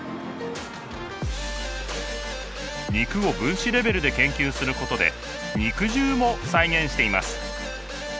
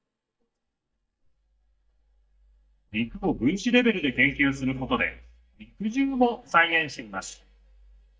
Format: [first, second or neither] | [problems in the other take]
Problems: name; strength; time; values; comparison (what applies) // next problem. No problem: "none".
first | noise reduction (neural mask model DeepFilterNet 3)